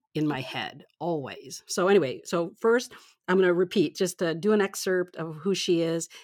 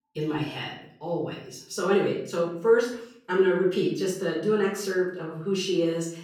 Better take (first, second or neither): first